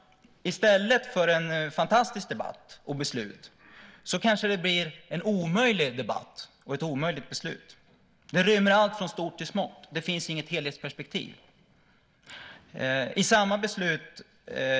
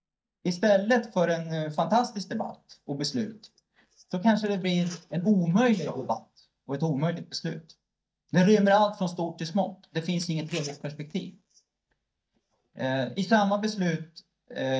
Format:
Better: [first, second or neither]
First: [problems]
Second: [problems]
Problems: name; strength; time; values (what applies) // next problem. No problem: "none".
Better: first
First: none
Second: noise reduction (neural mask model DeepFilterNet 3)